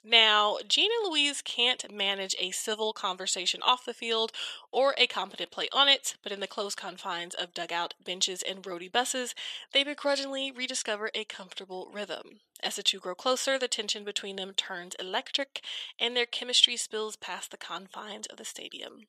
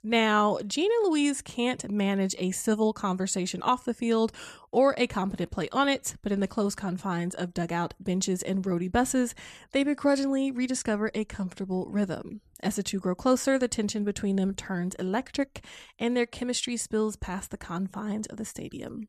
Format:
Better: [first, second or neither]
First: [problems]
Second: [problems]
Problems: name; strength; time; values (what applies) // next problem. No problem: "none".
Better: second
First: thin; somewhat; fading below 550 Hz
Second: none